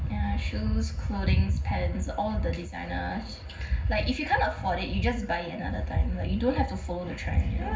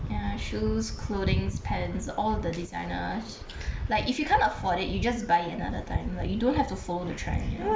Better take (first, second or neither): second